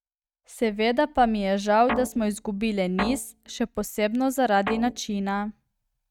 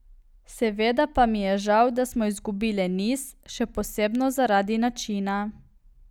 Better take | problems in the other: second | noise reduction (neural mask model RNNoise)

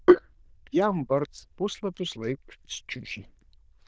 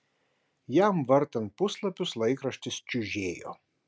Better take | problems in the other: second | noise reduction (neural diffusion model UNIVERSE++)

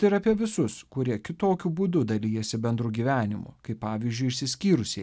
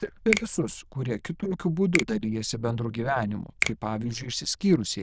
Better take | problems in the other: first | noise reduction (neural diffusion model UNIVERSE++)

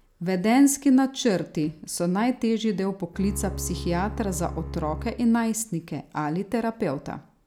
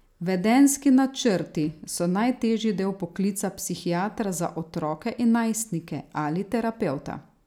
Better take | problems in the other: second | background sound (Bowed string instrument); 10 dB below the speech

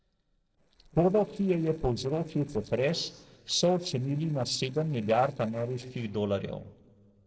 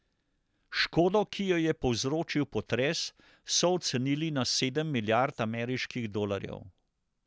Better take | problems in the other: second | noise reduction (neural separator model SepFormer DNS4)

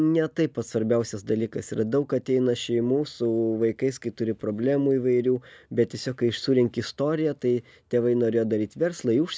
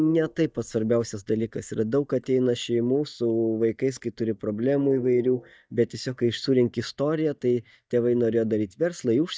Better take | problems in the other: first | noise reduction (neural mask model DeepFilterNet 3)

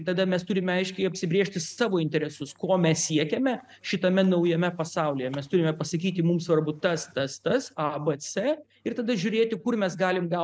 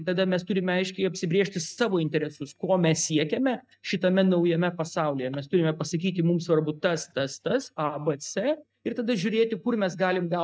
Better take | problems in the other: first | noise reduction (neural mask model DeepFilterNet 3)

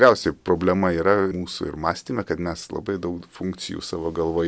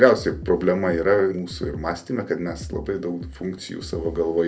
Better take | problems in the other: first | background sound (Drum kit); 15 dB below the speech // room echo; dies away in 0.3 s

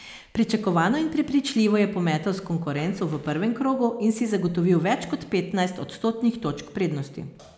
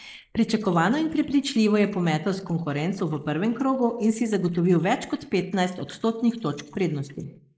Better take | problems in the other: first | noise reduction (neural mask model Resemble Enhance denoiser)

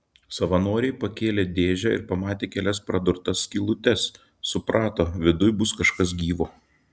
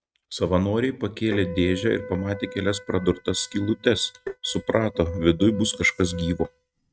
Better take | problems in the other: first | noise reduction (neural mask model RNNoise)

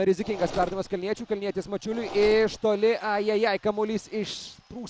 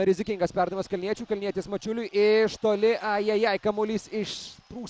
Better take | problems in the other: second | background sound (Mechanisms); 13 dB below the speech

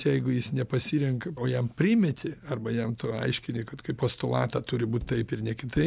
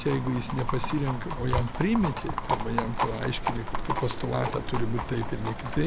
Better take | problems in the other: first | background sound (Livestock, farm animals, working animals + Wind); 1 dB below the speech

